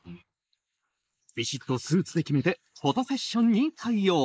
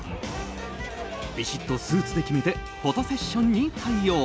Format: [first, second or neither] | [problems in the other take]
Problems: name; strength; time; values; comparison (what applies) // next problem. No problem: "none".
second | noise reduction (neural mask model Resemble Enhance denoiser)